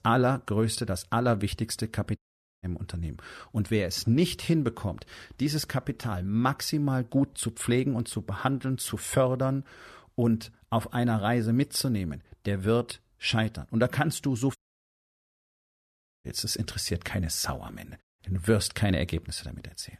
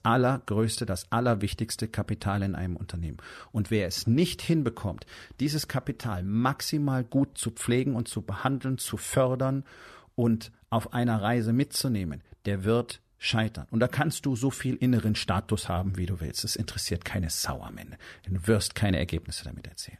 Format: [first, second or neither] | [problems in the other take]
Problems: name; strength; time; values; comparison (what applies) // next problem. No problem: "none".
second | audio cutting out; at 2 s, at 15 s for 1.5 s and at 18 s